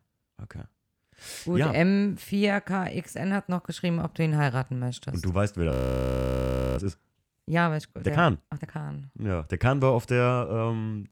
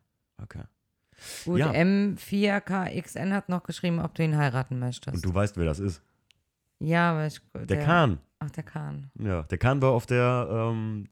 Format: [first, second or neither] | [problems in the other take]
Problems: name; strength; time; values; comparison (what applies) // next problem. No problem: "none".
second | audio freezing; at 5.5 s for 1 s